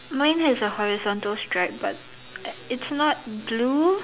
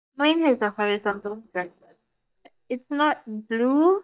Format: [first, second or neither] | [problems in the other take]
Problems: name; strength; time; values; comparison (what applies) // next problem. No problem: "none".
first | noise reduction (neural mask model DeepFilterNet 3)